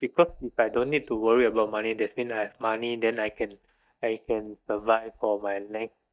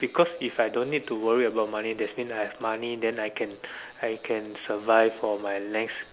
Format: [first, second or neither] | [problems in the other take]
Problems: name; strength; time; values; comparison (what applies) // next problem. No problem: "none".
second | noise reduction (neural mask model DeepFilterNet 3)